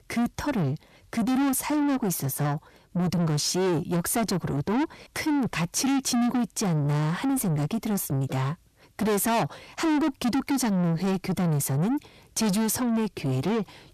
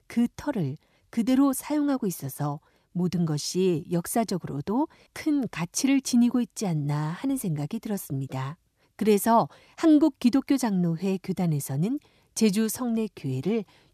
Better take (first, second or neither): second